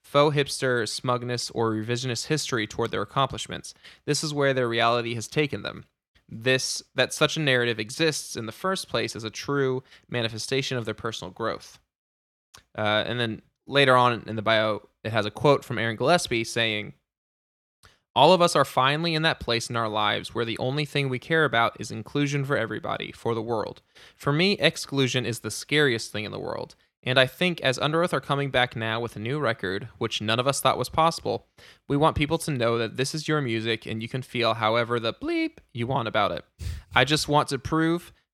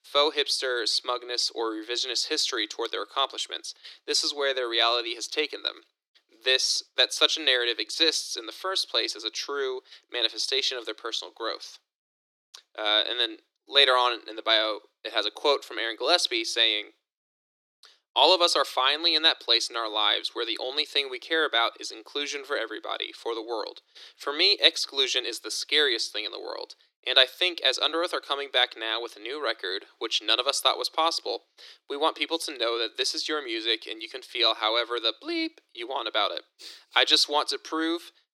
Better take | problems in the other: first | thin; very; fading below 300 Hz

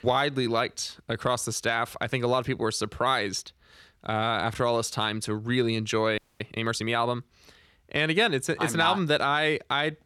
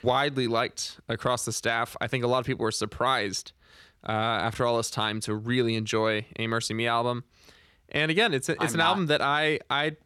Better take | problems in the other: second | audio freezing; at 6 s

